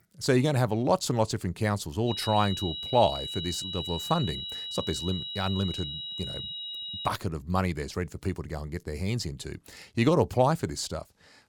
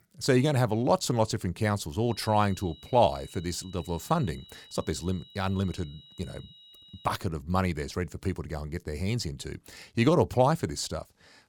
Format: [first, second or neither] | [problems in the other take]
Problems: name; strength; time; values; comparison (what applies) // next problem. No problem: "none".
second | high-pitched whine; loud; from 2 to 7 s; 4 kHz, 5 dB below the speech; faint in the second